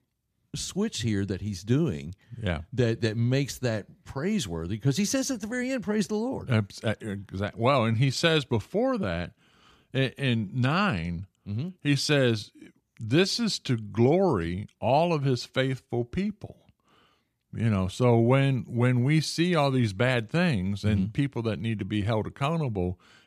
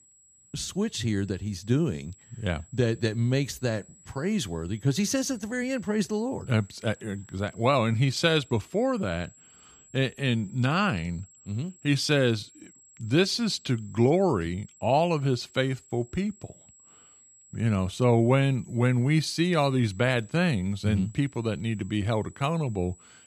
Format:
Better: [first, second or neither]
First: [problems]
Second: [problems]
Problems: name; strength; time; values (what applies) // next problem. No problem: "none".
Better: first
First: none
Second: high-pitched whine; faint; throughout; 7.5 kHz, 25 dB below the speech